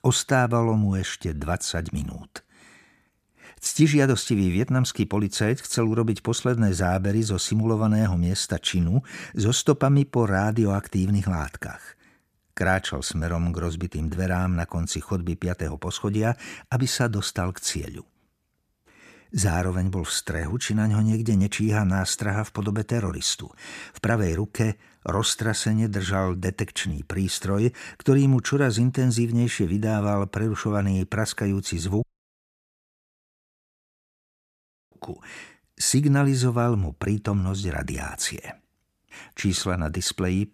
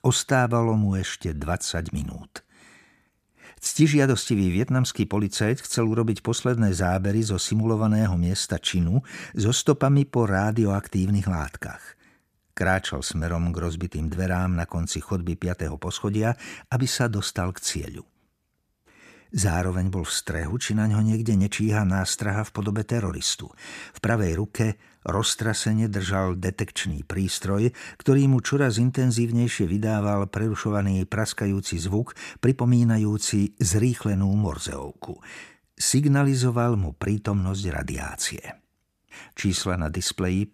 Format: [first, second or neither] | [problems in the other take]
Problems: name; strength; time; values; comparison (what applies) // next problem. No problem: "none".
second | audio cutting out; at 32 s for 3 s